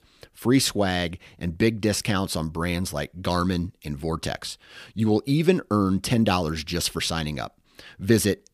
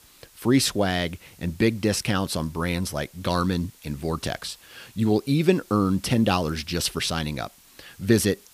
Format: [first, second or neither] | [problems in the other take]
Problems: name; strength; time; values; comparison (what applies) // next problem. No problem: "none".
first | hiss; faint; throughout; 25 dB below the speech